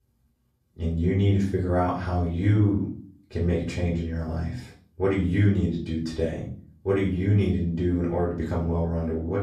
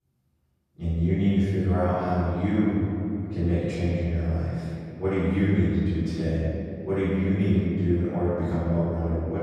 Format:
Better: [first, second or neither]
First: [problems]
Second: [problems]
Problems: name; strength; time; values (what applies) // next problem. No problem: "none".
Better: first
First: room echo; slight; dies away in 0.4 s // off-mic speech; far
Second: room echo; strong; dies away in 2.6 s // off-mic speech; far